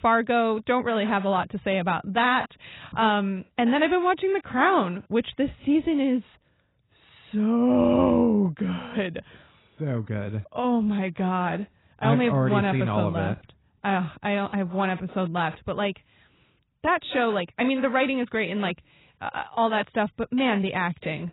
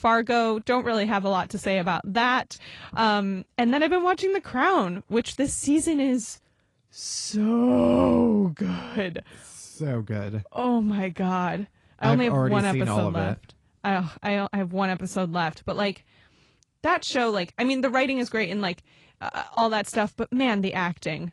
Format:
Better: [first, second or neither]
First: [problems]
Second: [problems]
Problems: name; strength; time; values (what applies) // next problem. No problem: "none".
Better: second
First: garbled, watery; badly; nothing above 4 kHz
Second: garbled, watery; slightly; nothing above 10 kHz